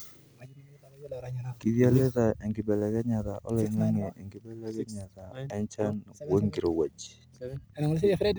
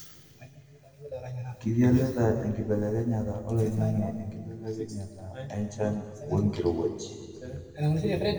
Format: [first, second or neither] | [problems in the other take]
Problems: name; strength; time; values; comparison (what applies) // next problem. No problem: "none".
first | room echo; dies away in 2 s